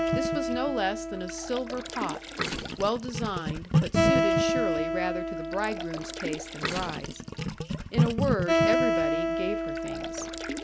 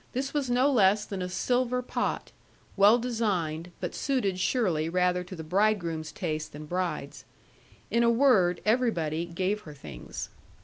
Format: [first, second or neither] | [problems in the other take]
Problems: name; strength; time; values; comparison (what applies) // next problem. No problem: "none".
second | background sound (Acoustic guitar + Gurgling); 5 dB above the speech